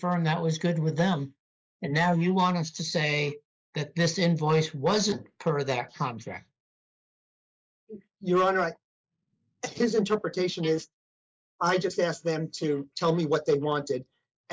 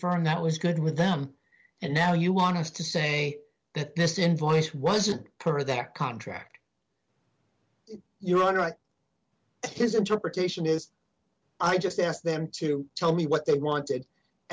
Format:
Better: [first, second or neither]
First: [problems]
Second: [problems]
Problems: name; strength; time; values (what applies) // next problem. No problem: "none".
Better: second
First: noise reduction (neural mask model Resemble Enhance denoiser)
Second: none